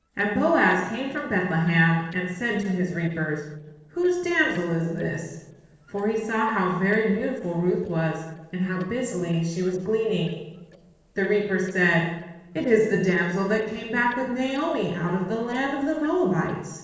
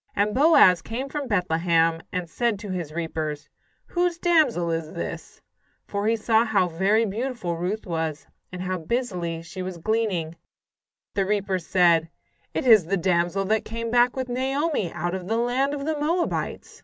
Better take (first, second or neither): second